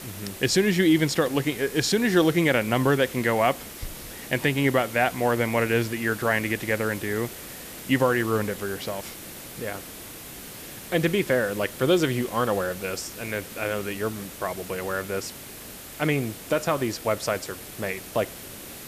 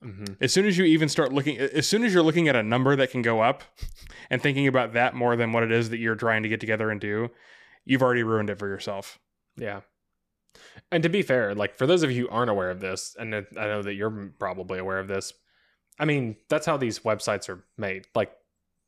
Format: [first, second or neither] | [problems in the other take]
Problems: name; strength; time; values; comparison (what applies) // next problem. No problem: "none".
second | hiss; noticeable; throughout; 15 dB below the speech